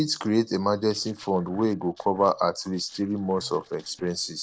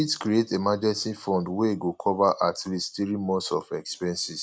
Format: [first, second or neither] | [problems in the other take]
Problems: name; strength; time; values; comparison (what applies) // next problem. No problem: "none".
second | noise reduction (neural separator model SepFormer DNS4)